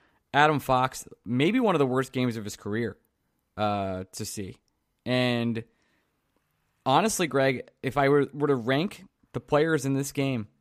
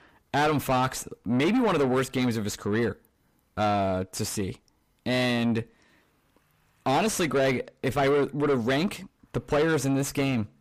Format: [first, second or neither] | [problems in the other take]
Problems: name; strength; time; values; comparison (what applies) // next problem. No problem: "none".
first | distortion; heavy; 5 dB below the speech